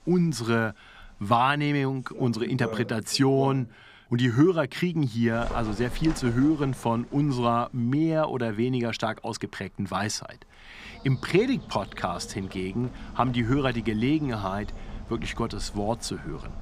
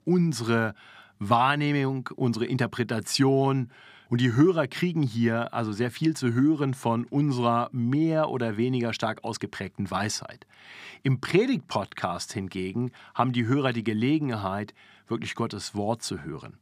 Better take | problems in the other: second | animal sounds; noticeable; throughout; 15 dB below the speech

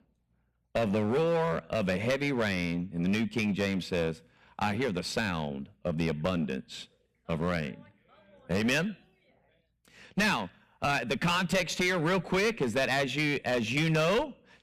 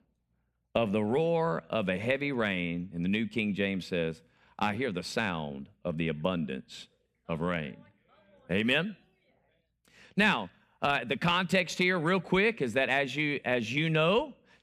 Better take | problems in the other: second | distortion; heavy; 9% of the sound clipped

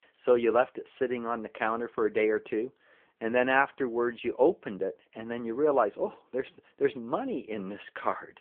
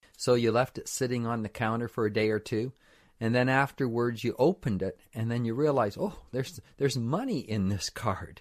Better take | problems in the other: second | phone-call audio

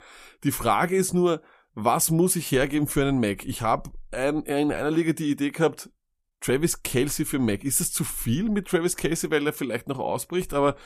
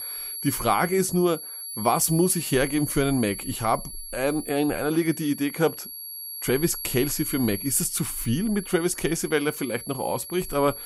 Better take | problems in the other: first | high-pitched whine; loud; throughout; 11.5 kHz, 9 dB below the speech

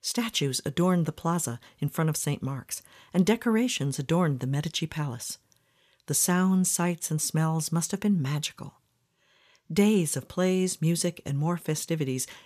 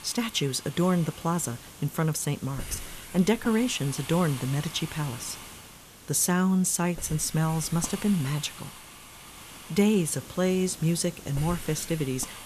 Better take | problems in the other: first | hiss; noticeable; throughout; 15 dB below the speech

